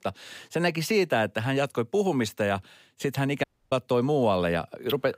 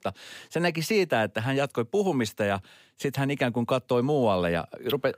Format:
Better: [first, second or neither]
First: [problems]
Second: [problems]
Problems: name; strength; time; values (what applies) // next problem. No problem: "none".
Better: second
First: audio cutting out; at 3.5 s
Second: none